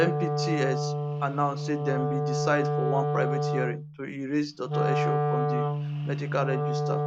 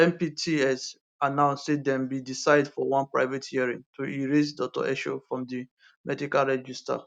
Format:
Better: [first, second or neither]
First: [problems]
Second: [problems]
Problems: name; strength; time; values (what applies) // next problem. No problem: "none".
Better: second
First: background sound (Wind instrument, woodwind instrument); 3 dB above the speech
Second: none